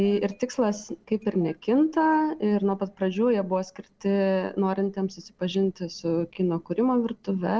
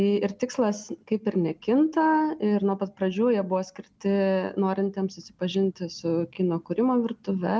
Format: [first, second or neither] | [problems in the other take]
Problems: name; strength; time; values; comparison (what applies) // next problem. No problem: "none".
second | noise reduction (neural separator model SepFormer DNS4)